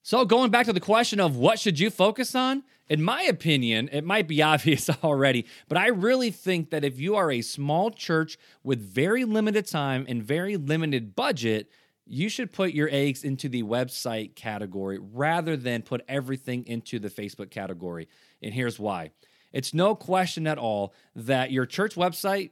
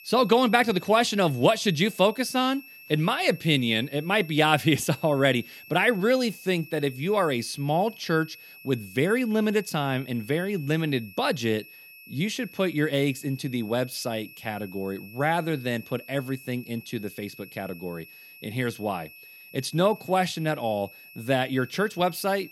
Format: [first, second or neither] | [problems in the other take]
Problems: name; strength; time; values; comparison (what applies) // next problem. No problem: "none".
first | high-pitched whine; noticeable; throughout; 2.5 kHz, 20 dB below the speech